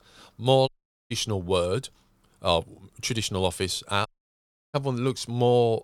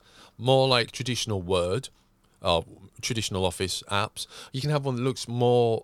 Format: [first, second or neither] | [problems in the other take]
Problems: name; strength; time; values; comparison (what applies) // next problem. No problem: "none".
second | audio cutting out; at 0.5 s and at 4 s for 0.5 s